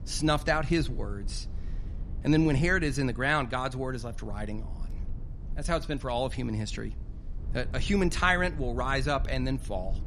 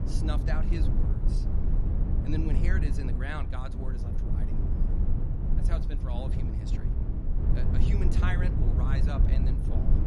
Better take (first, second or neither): first